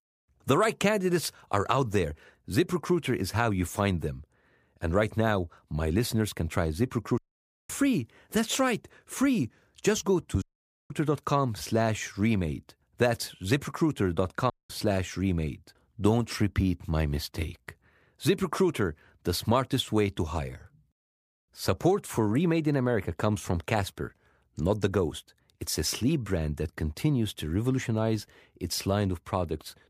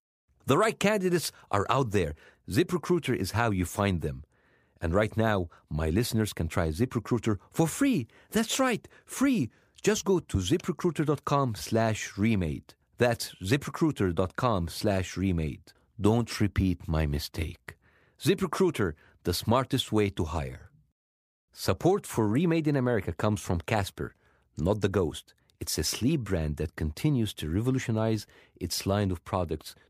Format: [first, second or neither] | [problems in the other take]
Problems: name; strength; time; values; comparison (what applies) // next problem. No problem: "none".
second | audio cutting out; at 7 s for 0.5 s, at 10 s and at 15 s